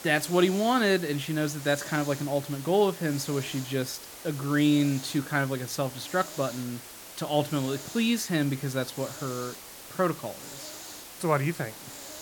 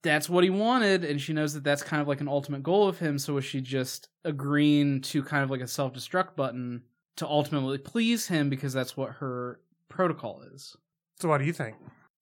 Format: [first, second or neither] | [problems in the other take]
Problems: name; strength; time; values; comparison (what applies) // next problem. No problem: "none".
second | hiss; noticeable; throughout; 15 dB below the speech